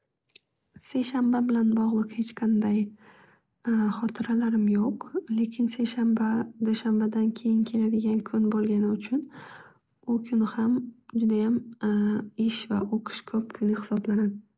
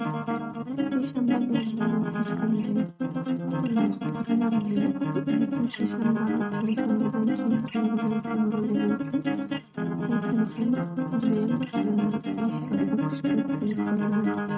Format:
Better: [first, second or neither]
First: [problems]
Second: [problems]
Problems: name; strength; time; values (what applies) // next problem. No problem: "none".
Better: first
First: none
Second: noise reduction (neural mask model RNNoise)